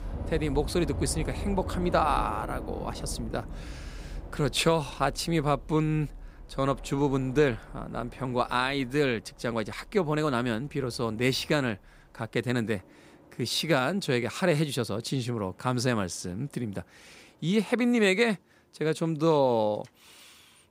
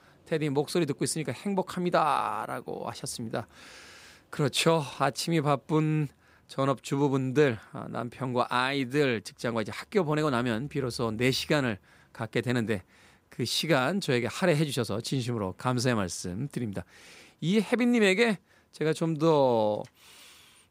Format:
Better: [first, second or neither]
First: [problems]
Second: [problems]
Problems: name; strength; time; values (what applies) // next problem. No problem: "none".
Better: second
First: train or aircraft noise; noticeable; throughout; 10 dB below the speech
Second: none